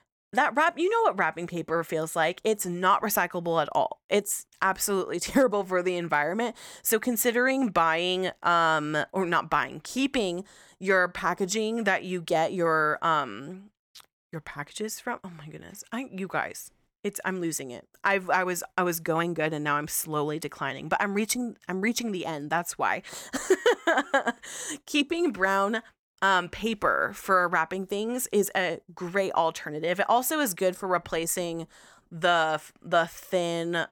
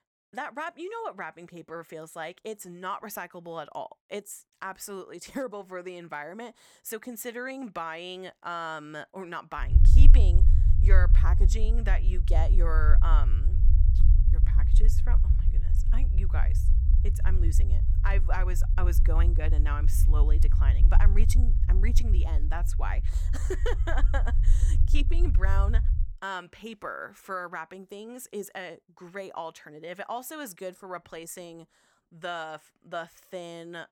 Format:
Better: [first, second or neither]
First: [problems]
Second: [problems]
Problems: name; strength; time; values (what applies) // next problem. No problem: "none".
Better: first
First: none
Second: low rumble; loud; from 9.5 to 26 s; 9 dB below the speech